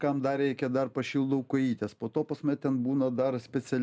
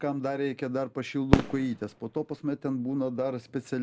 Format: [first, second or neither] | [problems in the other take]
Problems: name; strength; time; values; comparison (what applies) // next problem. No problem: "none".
first | background sound (Fireworks); as loud as the speech